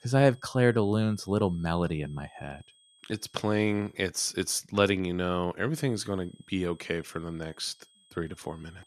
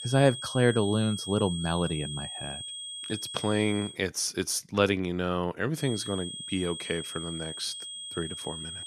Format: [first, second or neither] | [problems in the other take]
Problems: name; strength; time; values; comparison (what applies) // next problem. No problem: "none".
first | high-pitched whine; loud; until 4 s and from 6 s on; 3.5 kHz, 7 dB below the speech; faint in the first